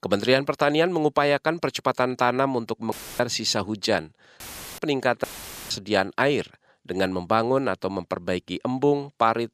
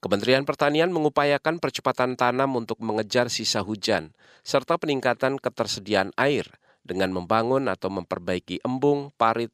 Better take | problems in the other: second | audio cutting out; filled with static; at 3 s, at 4.5 s and at 5 s

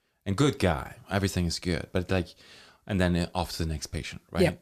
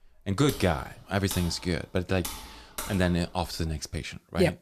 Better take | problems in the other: first | keyboard typing; noticeable; until 4 s; peak 8 dB below the speech

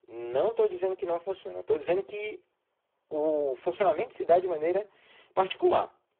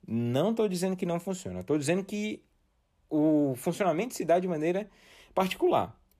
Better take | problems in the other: second | phone-call audio; poor line

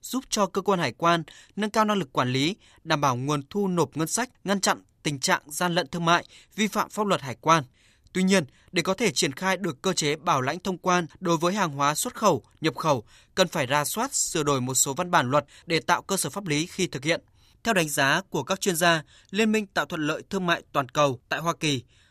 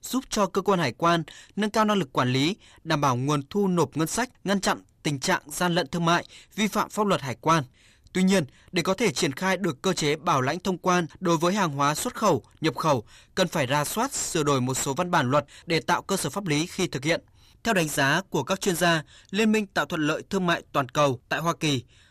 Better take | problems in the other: first | distortion; slight; 10 dB below the speech

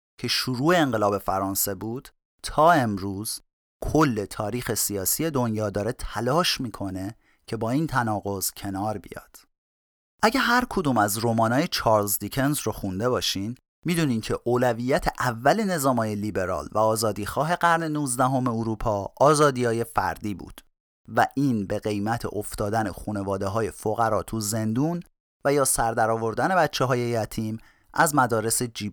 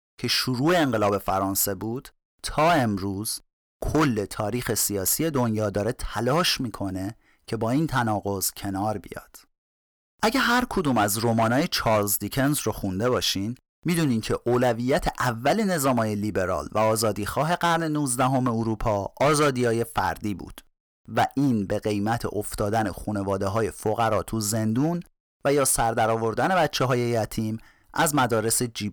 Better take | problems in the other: first | distortion; slight; 4% of the sound clipped

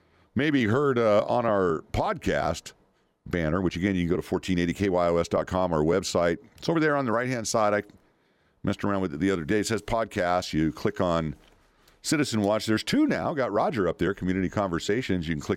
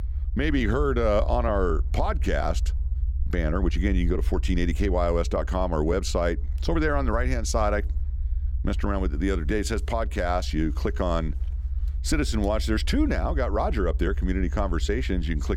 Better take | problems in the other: first | low rumble; faint; throughout; 20 dB below the speech

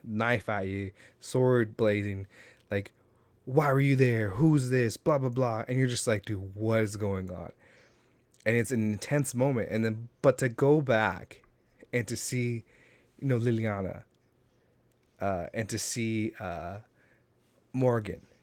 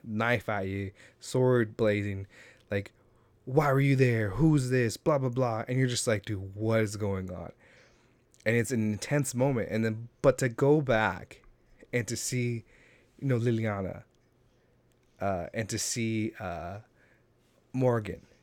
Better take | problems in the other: second | garbled, watery; slightly; nothing above 17.5 kHz

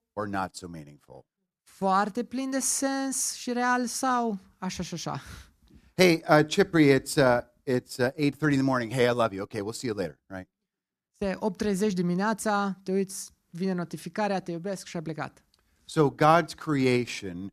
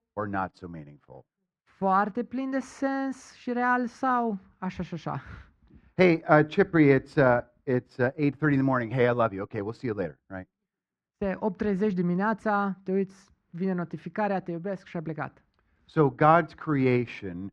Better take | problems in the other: first | muffled; very; fading above 2 kHz

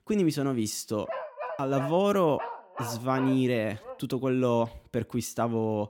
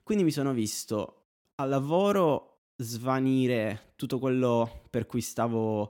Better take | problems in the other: second | dog barking; noticeable; from 1 to 4 s; peak 7 dB below the speech

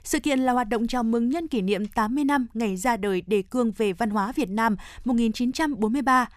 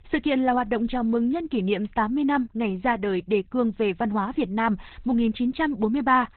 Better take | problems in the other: first | garbled, watery; badly; nothing above 4 kHz

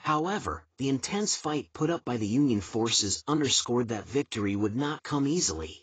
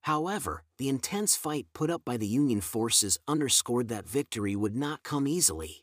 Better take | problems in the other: second | garbled, watery; badly; nothing above 7.5 kHz

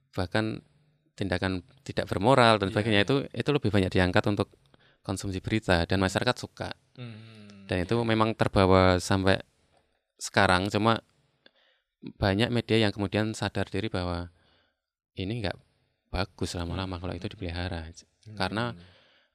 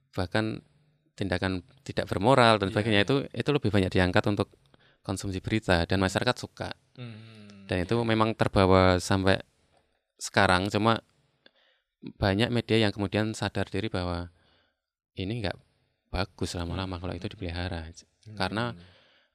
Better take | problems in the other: neither | none

